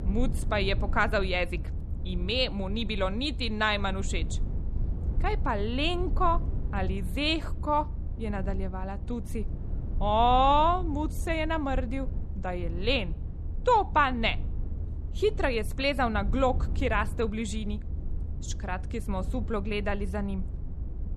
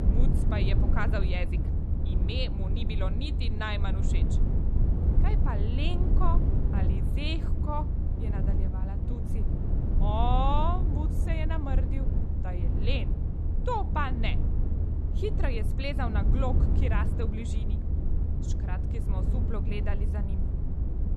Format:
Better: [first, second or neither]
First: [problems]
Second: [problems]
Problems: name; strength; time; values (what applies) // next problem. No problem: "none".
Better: first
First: low rumble; faint; throughout; 20 dB below the speech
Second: low rumble; loud; throughout; 6 dB below the speech